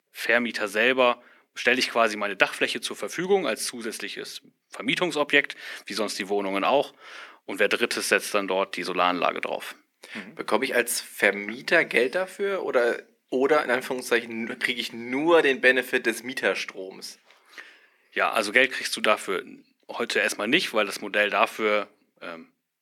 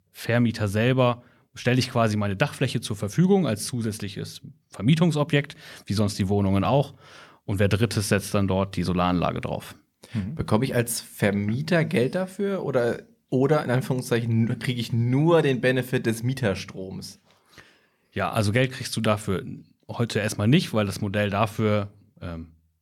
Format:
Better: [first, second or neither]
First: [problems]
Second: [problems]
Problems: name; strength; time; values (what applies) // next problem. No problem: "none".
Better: second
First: thin; somewhat; fading below 300 Hz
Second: none